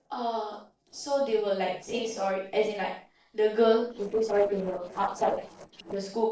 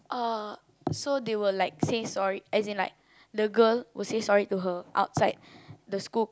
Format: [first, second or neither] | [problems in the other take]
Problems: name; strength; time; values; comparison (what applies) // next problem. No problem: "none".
second | noise reduction (neural separator model SepFormer DNS4)